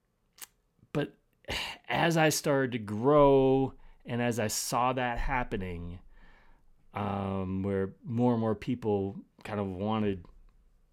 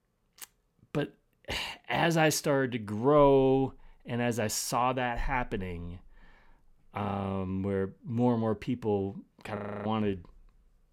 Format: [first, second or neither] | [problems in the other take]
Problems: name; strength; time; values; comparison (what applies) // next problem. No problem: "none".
first | audio freezing; at 9.5 s